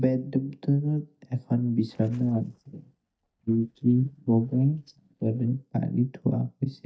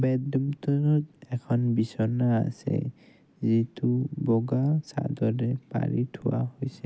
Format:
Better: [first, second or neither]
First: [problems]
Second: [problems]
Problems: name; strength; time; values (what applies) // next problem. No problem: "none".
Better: second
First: noise reduction (neural mask model DeepFilterNet 3)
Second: none